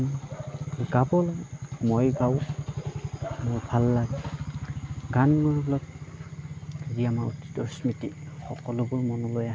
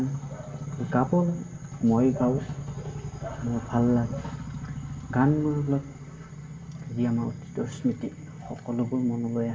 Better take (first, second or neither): first